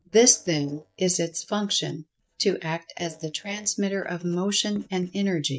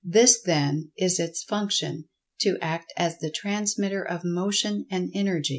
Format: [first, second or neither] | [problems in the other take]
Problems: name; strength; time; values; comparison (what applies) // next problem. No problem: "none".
second | noise reduction (neural mask model DeepFilterNet 3)